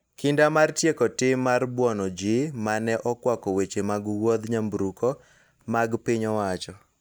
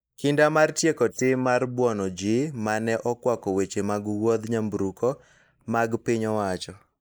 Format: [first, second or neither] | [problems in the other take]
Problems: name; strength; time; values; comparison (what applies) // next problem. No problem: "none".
first | noise reduction (neural mask model Resemble Enhance denoiser)